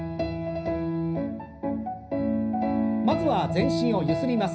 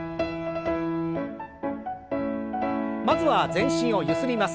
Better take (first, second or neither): second